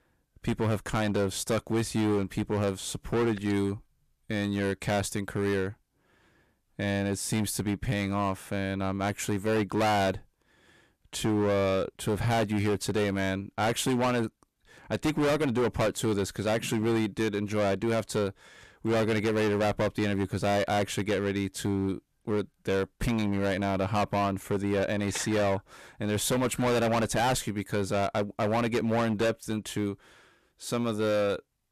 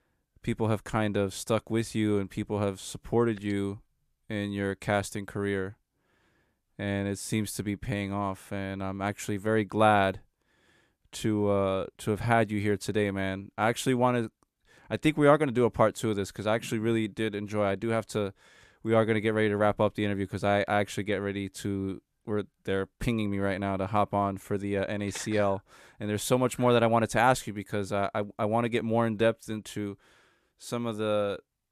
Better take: second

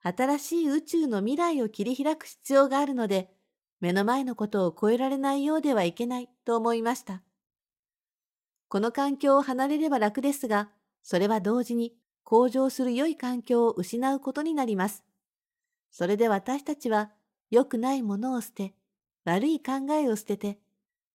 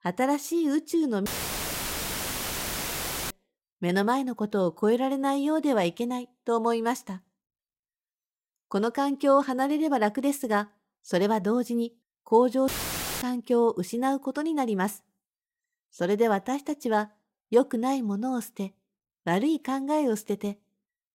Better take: first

